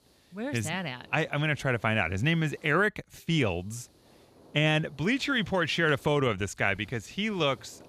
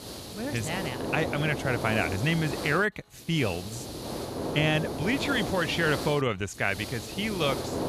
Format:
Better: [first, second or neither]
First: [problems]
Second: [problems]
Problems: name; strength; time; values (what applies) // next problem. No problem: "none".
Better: first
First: hiss; faint; throughout; 30 dB below the speech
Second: hiss; loud; throughout; 6 dB below the speech